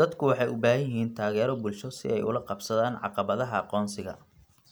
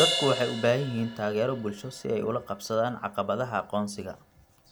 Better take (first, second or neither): first